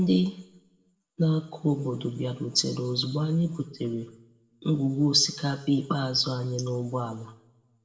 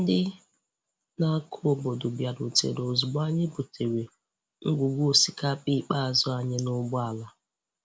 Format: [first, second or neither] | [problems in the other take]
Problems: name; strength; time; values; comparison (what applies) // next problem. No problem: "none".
second | room echo; dies away in 0.6 s